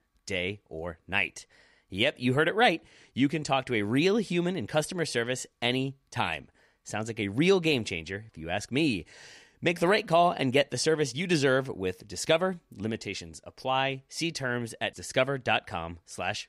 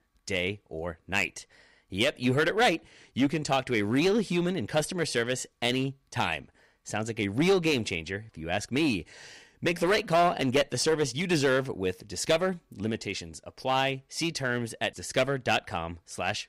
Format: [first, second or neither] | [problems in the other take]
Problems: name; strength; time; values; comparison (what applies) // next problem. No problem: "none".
first | distortion; slight; 4% of the sound clipped